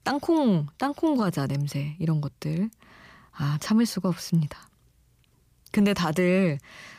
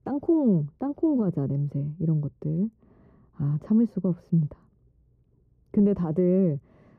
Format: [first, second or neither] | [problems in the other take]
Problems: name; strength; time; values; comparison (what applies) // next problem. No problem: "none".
first | muffled; very; fading above 1.5 kHz